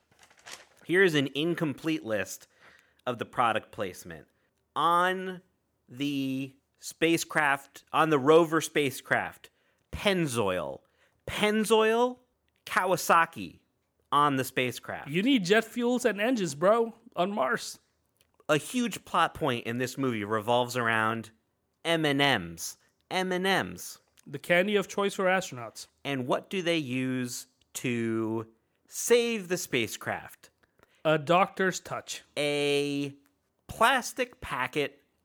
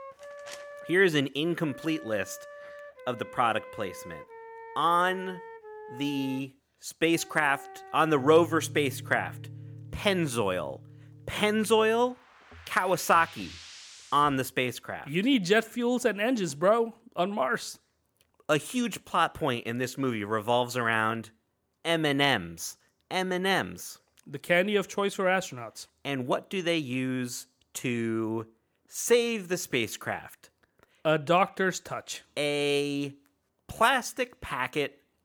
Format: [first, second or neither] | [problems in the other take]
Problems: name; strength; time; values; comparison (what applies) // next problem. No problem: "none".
first | background music; noticeable; until 14 s; 15 dB below the speech